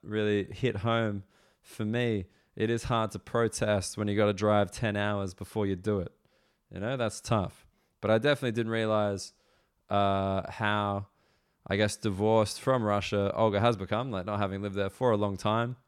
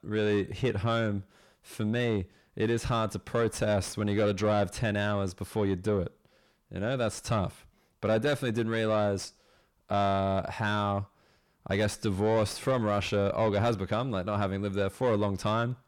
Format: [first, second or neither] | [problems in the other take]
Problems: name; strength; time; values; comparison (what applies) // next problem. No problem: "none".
first | distortion; slight; 10 dB below the speech